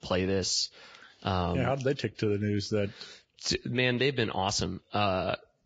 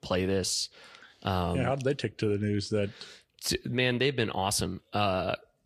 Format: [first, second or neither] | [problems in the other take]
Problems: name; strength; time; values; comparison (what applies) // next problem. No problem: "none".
second | garbled, watery; badly; nothing above 7.5 kHz; slightly in the second